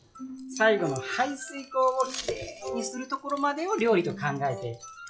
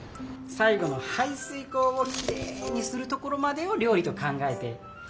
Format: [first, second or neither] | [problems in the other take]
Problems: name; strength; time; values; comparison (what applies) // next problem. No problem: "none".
second | noise reduction (classical method log-MMSE)